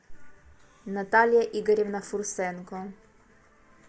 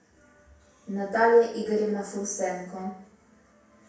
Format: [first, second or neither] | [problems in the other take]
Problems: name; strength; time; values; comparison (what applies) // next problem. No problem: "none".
first | room echo; dies away in 0.6 s